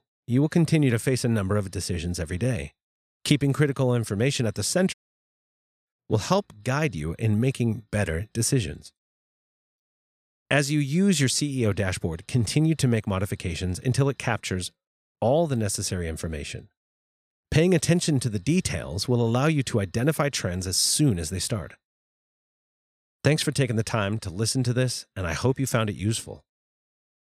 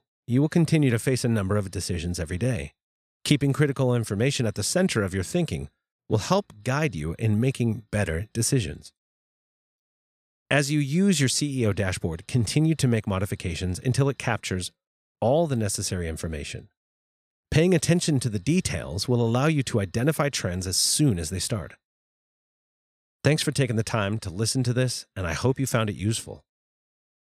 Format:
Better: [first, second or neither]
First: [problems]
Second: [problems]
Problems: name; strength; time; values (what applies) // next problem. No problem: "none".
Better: second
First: audio cutting out; at 5 s for 1 s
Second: none